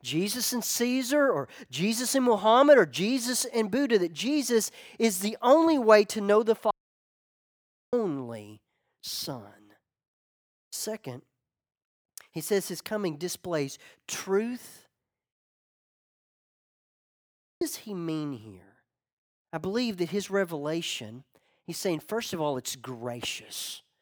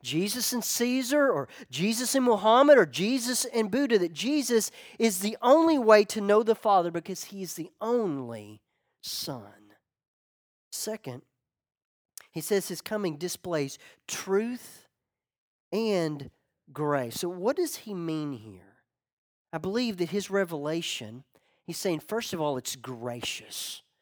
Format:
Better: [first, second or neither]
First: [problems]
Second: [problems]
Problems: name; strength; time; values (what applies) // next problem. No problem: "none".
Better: second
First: audio cutting out; at 6.5 s for 1 s and at 15 s for 2.5 s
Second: none